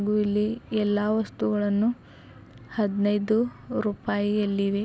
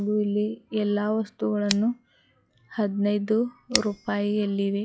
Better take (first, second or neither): first